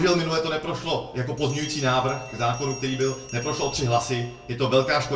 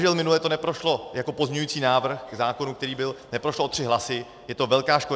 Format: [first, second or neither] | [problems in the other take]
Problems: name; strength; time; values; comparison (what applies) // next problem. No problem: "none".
second | background sound (Bell); 18 dB below the speech // room echo; dies away in 0.3 s